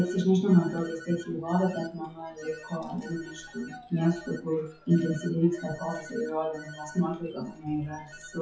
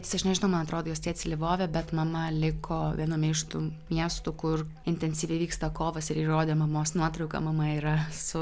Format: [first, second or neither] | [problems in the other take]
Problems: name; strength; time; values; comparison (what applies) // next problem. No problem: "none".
second | noise reduction (classical method WPE with log-MMSE)